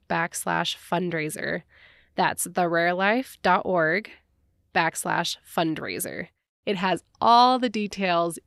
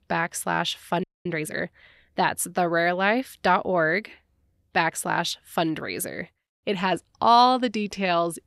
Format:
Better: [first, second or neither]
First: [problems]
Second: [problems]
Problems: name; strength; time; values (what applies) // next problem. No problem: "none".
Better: first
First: none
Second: audio freezing; at 1 s